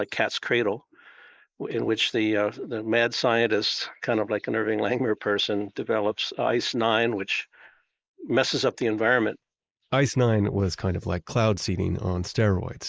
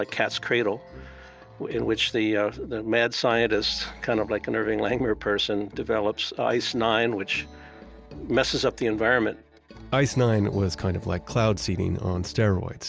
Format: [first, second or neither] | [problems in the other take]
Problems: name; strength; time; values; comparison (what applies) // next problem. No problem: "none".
second | noise reduction (neural mask model Resemble Enhance denoiser)